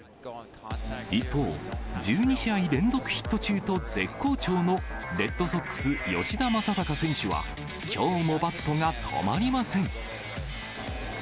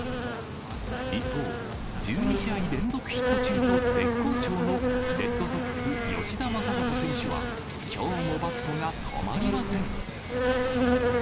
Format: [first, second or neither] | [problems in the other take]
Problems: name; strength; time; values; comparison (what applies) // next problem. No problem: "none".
first | background sound (Insect); 4 dB above the speech